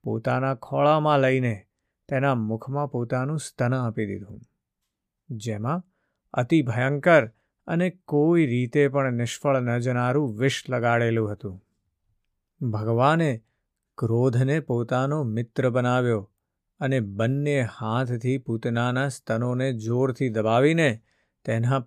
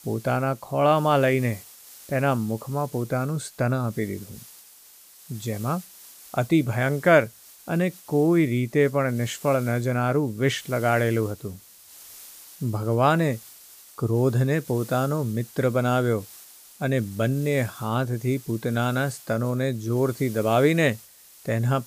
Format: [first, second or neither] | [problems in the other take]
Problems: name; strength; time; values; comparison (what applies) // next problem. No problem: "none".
first | hiss; faint; throughout; 20 dB below the speech